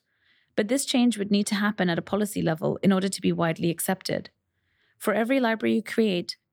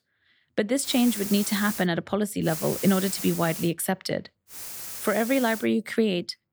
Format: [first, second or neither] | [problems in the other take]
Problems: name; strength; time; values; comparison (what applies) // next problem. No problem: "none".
first | hiss; loud; at 1 s, from 2.5 to 3.5 s and from 4.5 to 5.5 s; 8 dB below the speech